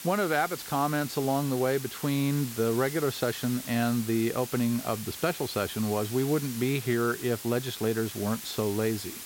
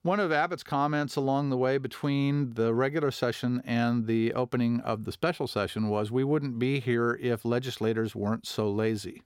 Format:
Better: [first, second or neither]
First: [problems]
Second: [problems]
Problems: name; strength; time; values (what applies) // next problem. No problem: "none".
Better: second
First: hiss; loud; throughout; 10 dB below the speech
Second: none